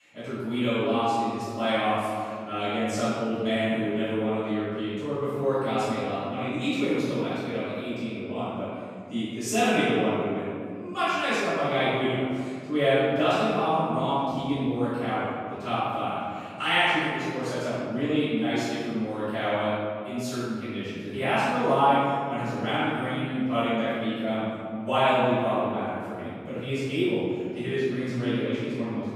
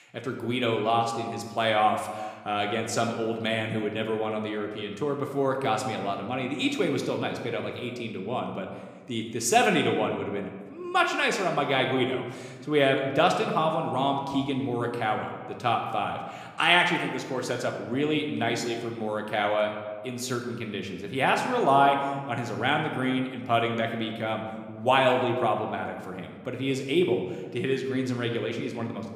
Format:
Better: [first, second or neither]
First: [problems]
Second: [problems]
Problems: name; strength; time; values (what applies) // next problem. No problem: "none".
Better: second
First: room echo; strong; dies away in 2.1 s // off-mic speech; far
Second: room echo; slight; dies away in 1.2 s